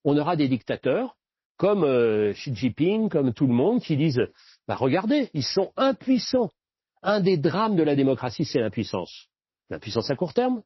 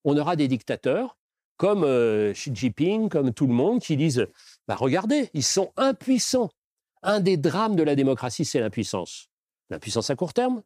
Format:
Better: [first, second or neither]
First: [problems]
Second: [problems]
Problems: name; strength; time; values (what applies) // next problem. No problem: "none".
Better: second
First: garbled, watery; slightly; nothing above 5.5 kHz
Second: none